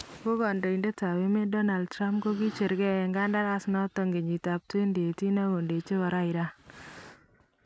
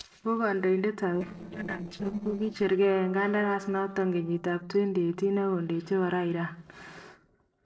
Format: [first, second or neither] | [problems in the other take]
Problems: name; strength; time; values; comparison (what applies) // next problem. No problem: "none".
first | noise reduction (neural separator model SepFormer DNS4)